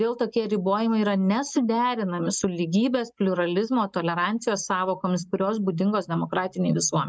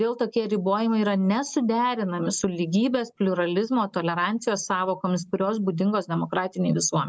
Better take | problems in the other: second | noise reduction (neural mask model Resemble Enhance denoiser)

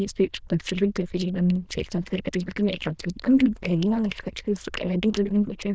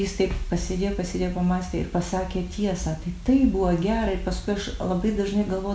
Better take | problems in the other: second | noise reduction (neural diffusion model UNIVERSE++)

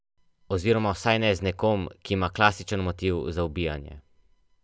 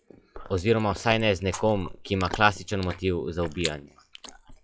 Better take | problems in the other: first | noise reduction (classical method log-MMSE)

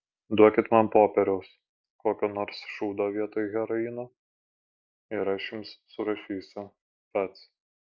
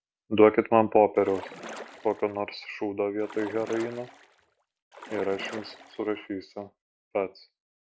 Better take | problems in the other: first | background sound (Splash, splatter); 16 dB below the speech

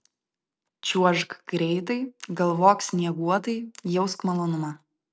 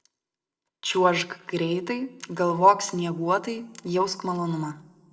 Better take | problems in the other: first | room echo; dies away in 0.8 s

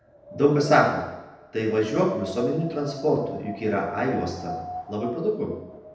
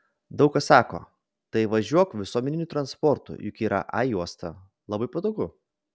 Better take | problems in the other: second | background sound (Wind); 13 dB below the speech // room echo; dies away in 0.9 s

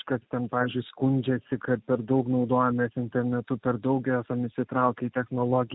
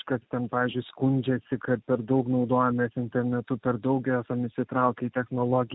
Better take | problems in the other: second | noise reduction (neural mask model Resemble Enhance denoiser)

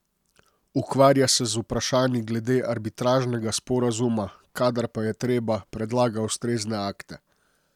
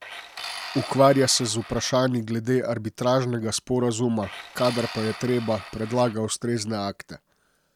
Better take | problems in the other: first | background sound (Tools); 15 dB below the speech

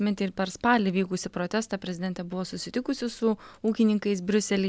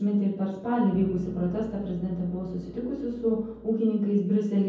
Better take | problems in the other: first | background sound (Piano); 16 dB below the speech // room echo; dies away in 0.9 s

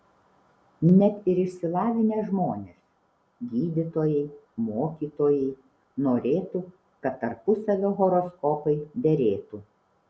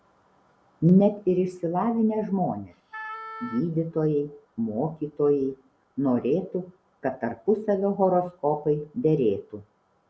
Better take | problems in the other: first | background sound (Wind instrument, woodwind instrument); 15 dB below the speech

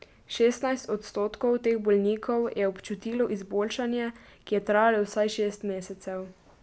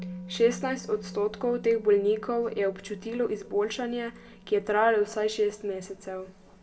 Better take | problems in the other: first | background sound (Musical instrument); 17 dB below the speech // room echo; dies away in 1 s

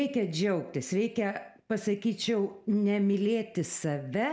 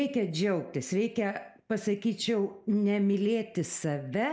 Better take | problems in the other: first | noise reduction (neural mask model Resemble Enhance denoiser)

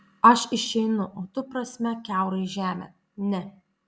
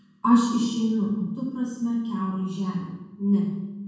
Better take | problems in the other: first | room echo; dies away in 1.1 s

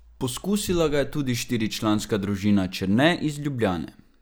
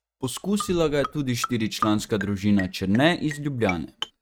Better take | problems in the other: first | noise reduction (neural mask model RNNoise)

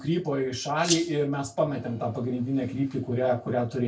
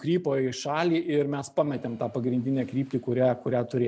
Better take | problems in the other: second | background sound (Rattle (instrument)); 5 dB below the speech // room echo; dies away in 0.2 s

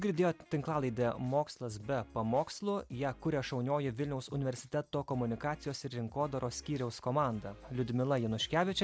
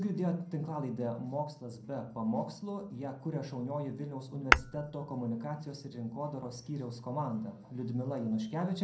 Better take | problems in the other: first | background sound (Tap / Hammer); 2 dB above the speech // room echo; dies away in 0.5 s

